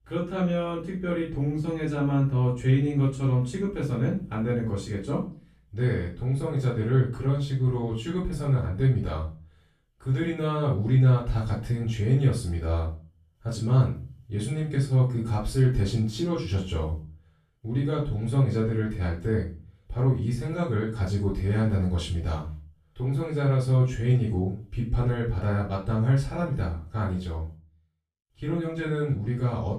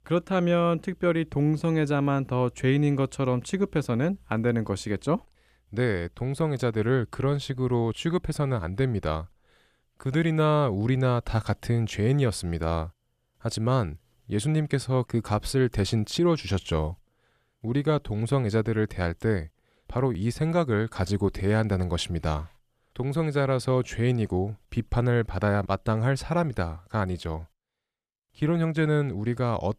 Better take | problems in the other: second | off-mic speech; far // room echo; noticeable; dies away in 0.4 s

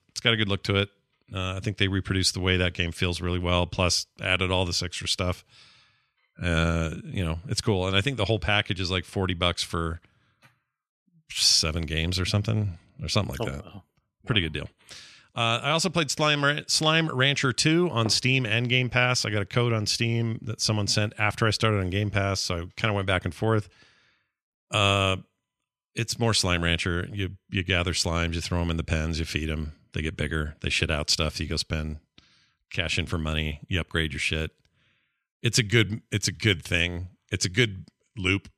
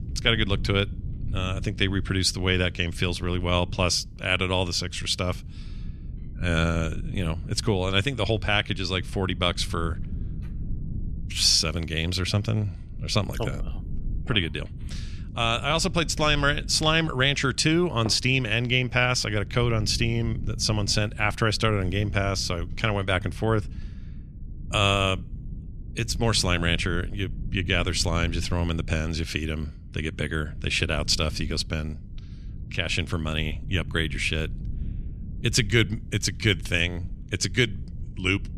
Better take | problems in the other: first | low rumble; faint; throughout; 25 dB below the speech

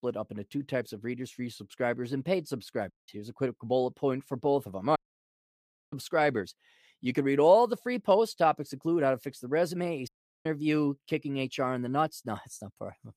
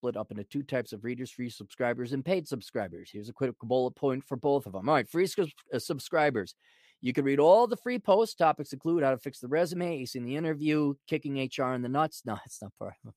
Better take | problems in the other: second | audio cutting out; at 3 s, at 5 s for 1 s and at 10 s

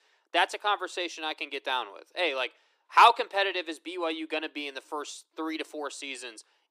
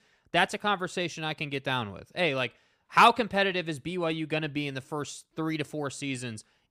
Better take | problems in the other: second | thin; very; fading below 300 Hz

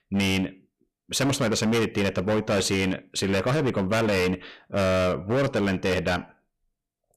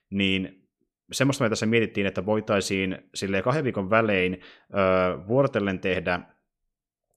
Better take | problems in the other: second | distortion; heavy; 20% of the sound clipped

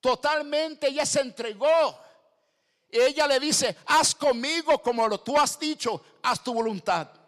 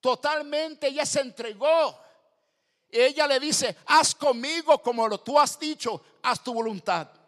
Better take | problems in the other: second | distortion; slight; 10 dB below the speech

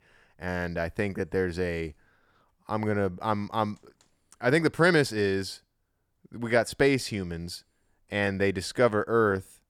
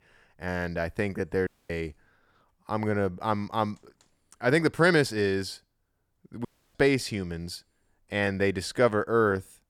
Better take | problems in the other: first | audio cutting out; at 1.5 s and at 6.5 s

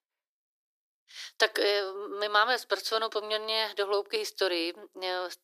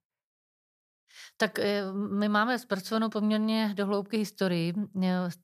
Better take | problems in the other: second | thin; very; fading below 300 Hz

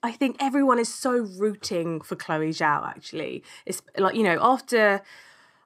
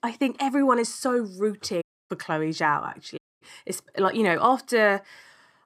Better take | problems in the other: first | audio cutting out; at 2 s and at 3 s

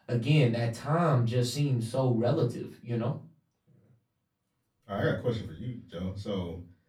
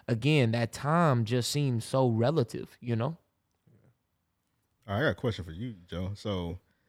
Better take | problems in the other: second | off-mic speech; far // room echo; very slight; dies away in 0.2 s

